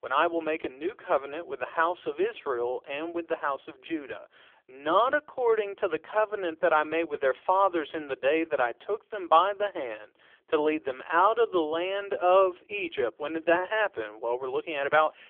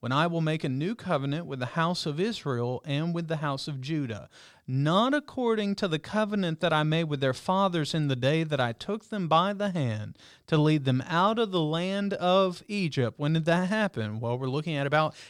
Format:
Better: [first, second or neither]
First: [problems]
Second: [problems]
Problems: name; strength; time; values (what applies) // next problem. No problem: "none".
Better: second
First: phone-call audio; poor line; nothing above 3.5 kHz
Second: none